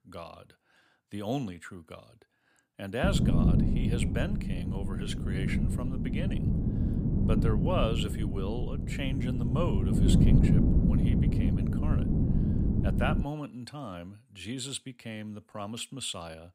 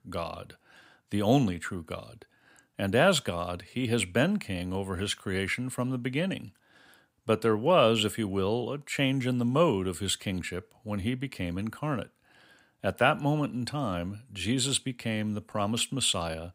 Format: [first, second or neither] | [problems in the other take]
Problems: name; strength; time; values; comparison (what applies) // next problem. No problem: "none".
second | wind noise on the microphone; heavy; from 3 to 13 s; as loud as the speech